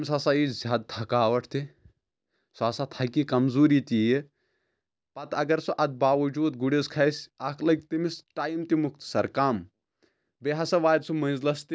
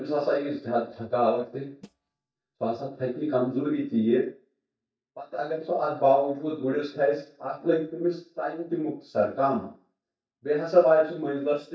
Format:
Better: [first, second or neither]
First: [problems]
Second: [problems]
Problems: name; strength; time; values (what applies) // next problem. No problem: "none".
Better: first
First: none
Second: noise reduction (neural mask model DeepFilterNet 3)